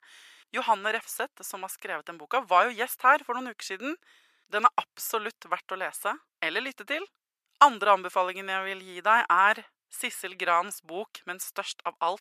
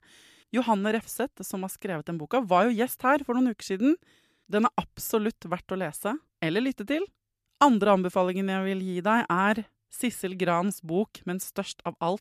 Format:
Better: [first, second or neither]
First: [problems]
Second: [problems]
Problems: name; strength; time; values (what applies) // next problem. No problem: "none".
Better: second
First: thin; very; fading below 650 Hz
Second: none